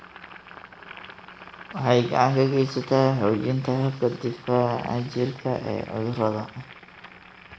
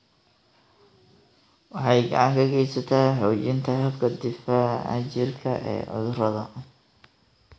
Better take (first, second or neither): second